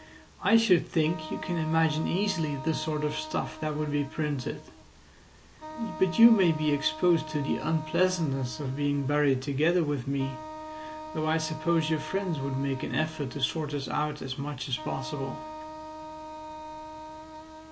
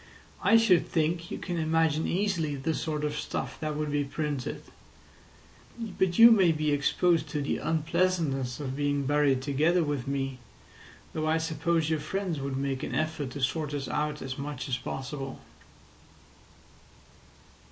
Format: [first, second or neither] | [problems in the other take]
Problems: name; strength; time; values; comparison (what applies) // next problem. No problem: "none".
second | background sound (Wind instrument, woodwind instrument); 13 dB below the speech